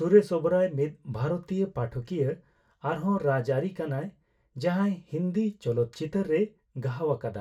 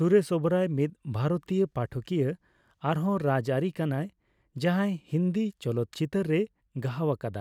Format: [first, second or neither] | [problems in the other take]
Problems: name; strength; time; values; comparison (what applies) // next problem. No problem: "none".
second | room echo; dies away in 0.2 s